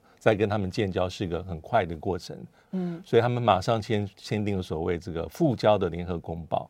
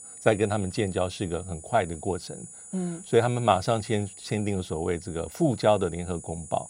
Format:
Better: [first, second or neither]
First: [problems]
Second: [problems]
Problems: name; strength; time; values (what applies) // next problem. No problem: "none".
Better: first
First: none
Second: high-pitched whine; noticeable; throughout; 9.5 kHz, 15 dB below the speech